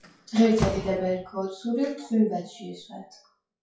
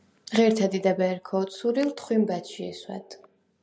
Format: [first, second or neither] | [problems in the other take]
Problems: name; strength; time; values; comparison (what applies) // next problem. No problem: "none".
second | noise reduction (classical method WPE with log-MMSE)